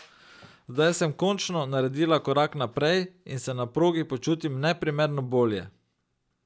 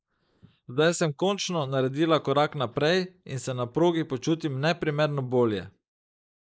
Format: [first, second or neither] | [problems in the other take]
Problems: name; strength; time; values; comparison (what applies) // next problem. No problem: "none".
first | noise reduction (neural mask model Resemble Enhance denoiser)